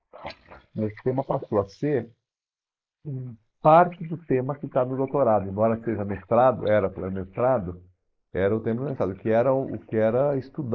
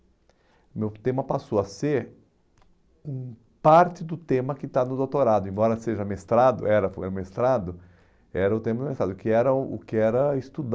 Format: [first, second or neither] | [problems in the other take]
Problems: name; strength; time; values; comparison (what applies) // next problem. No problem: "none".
second | noise reduction (neural mask model Resemble Enhance denoiser)